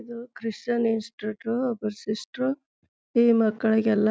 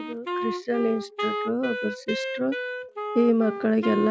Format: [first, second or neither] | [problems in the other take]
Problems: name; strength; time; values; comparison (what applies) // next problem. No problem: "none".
first | background sound (Wind instrument, woodwind instrument); 6 dB below the speech